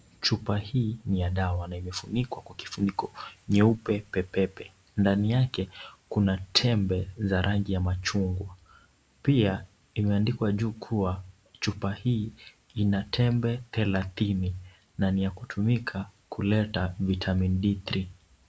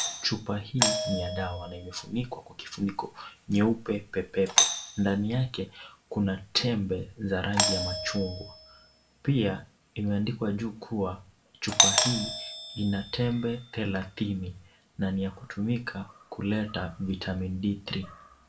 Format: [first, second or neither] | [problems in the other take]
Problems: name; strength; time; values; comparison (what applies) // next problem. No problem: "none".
first | background sound (Doorbell); 3 dB below the speech // room echo; dies away in 0.2 s